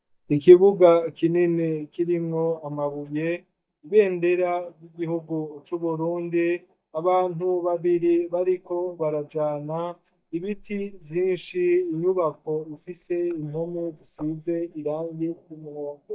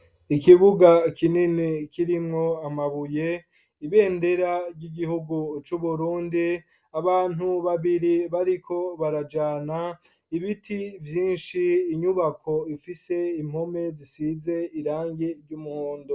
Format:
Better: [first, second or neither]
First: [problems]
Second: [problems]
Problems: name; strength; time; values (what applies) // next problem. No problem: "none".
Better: second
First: noise reduction (neural mask model DeepFilterNet 3)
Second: none